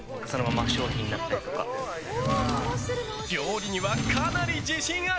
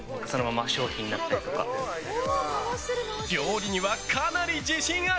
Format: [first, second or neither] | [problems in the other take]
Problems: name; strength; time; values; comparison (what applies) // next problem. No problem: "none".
second | background sound (Drawer open or close); 3 dB below the speech